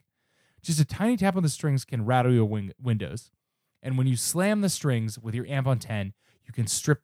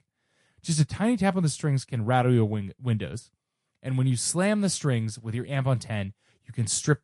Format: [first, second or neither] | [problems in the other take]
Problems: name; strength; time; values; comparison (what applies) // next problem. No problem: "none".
first | garbled, watery; slightly